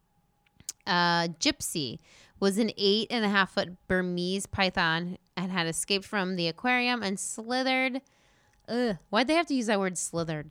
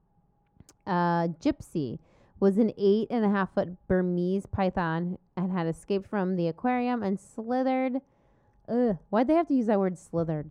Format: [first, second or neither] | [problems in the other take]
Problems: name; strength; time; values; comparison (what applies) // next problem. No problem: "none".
first | muffled; very; fading above 1.5 kHz